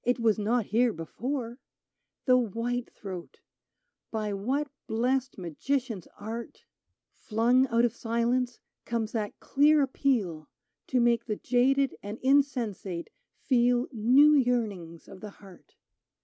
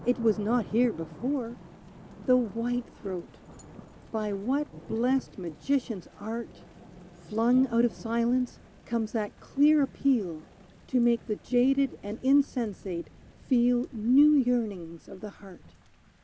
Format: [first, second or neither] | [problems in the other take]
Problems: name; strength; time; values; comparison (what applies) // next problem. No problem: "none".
first | background sound (Thunder / Rain); 19 dB below the speech